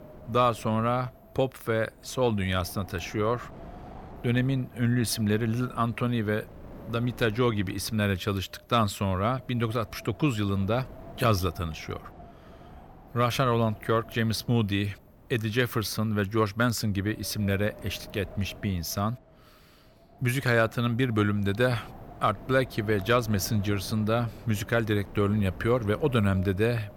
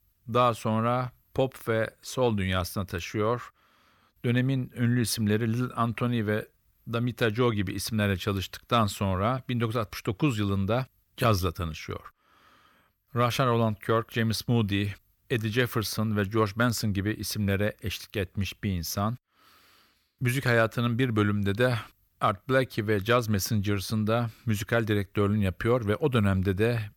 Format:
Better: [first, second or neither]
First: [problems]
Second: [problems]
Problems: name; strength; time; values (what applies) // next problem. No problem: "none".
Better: second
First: wind noise on the microphone; occasional gusts; 20 dB below the speech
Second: none